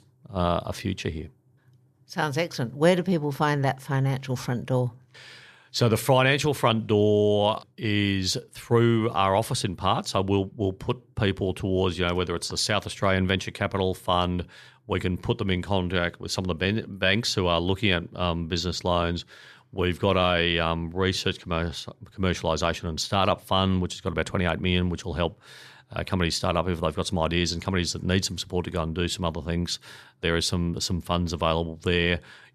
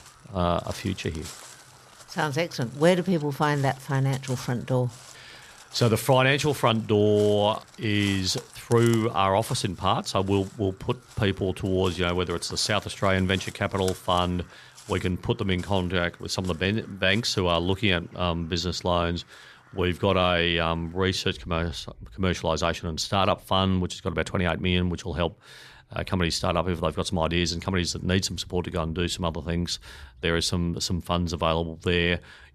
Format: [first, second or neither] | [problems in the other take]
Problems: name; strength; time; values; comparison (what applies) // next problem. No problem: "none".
first | animal sounds; faint; throughout; 20 dB below the speech